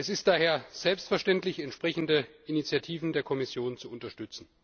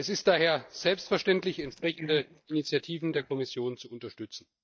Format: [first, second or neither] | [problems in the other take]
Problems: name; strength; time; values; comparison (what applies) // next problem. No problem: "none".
first | noise reduction (neural mask model DeepFilterNet 3)